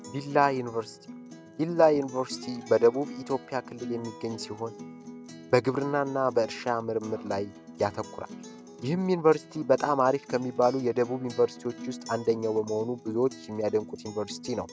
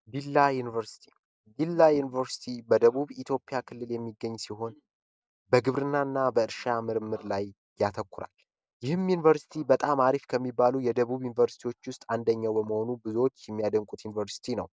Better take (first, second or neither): second